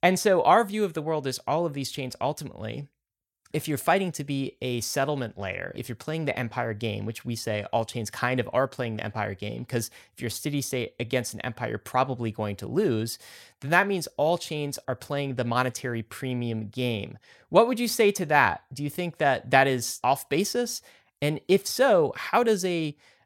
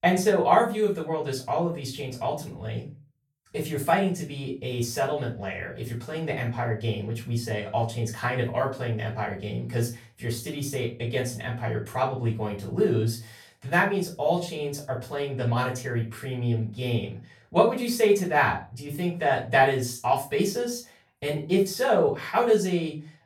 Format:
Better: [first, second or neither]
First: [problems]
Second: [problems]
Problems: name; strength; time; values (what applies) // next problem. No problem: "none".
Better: first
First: none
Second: off-mic speech; far // room echo; slight; dies away in 0.3 s